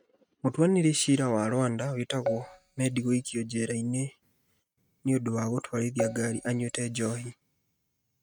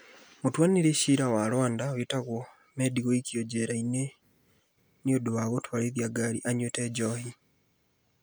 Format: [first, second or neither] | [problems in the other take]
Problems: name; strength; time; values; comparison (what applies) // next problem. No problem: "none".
second | noise reduction (neural mask model RNNoise)